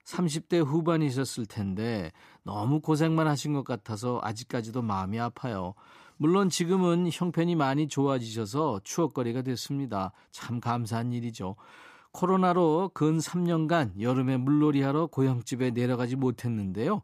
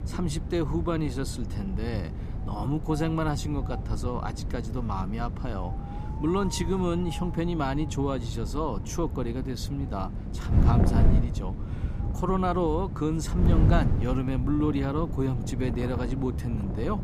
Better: first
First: none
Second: wind noise on the microphone; heavy; 8 dB below the speech

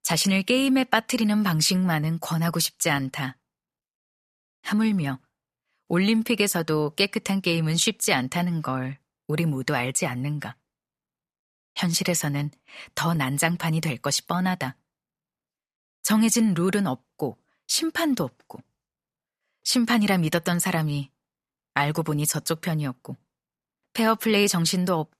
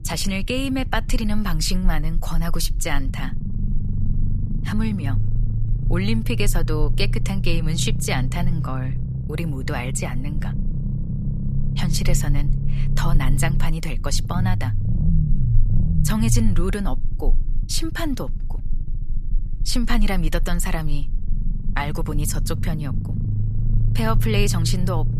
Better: first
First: none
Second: low rumble; loud; throughout; 10 dB below the speech

